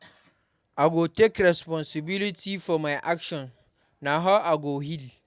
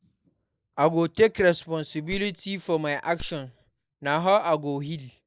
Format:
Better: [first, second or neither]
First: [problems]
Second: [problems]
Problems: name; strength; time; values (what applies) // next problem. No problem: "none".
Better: first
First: none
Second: noise reduction (neural mask model Resemble Enhance denoiser)